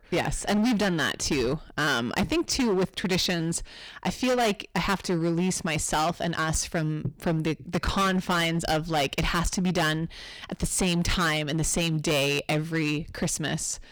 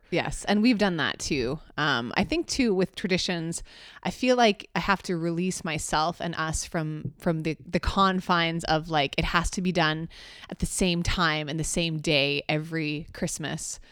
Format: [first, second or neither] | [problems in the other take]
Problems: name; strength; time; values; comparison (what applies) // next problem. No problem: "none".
second | distortion; heavy; 15% of the sound clipped